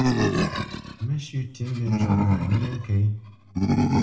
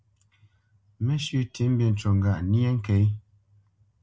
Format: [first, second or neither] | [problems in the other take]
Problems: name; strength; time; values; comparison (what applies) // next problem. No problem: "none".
second | background sound (Animal); 2 dB above the speech // room echo; dies away in 0.6 s